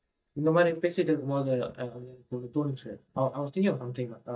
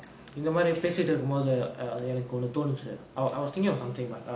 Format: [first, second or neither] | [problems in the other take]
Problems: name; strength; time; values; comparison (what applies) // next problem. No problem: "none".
second | noise reduction (neural mask model DeepFilterNet 3)